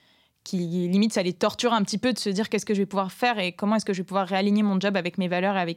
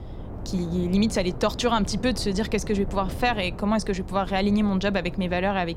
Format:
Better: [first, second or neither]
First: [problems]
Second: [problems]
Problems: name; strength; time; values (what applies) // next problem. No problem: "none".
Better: first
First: none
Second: wind noise on the microphone; occasional gusts; 15 dB below the speech